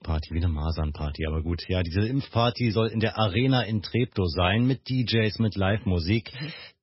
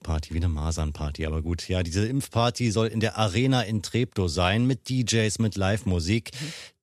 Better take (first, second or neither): second